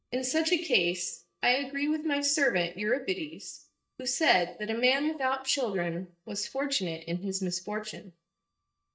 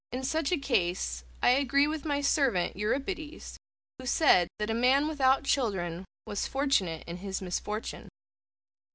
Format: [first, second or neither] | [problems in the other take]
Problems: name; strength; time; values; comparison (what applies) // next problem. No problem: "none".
second | noise reduction (neural mask model DeepFilterNet 3)